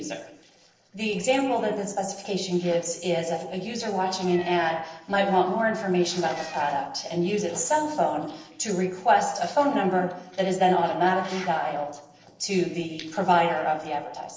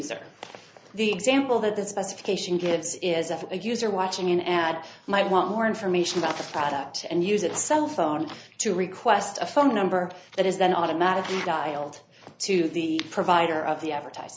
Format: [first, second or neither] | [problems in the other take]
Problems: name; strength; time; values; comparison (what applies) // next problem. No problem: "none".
second | noise reduction (neural separator model SepFormer DNS4)